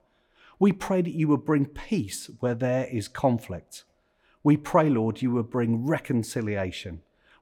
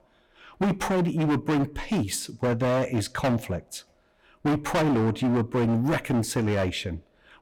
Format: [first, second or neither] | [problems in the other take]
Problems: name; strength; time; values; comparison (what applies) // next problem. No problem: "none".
first | distortion; heavy; 19% of the sound clipped